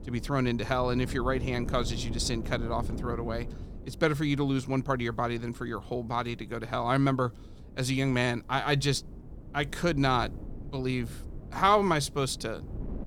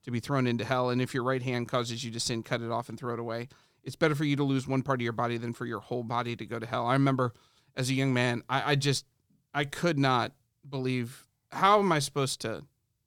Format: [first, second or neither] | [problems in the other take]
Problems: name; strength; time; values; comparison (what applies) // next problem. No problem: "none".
second | wind noise on the microphone; occasional gusts; 20 dB below the speech